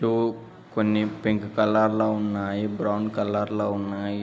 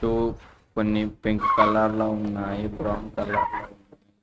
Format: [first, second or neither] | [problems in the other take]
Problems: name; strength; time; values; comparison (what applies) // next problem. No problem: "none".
first | noise reduction (neural mask model RNNoise)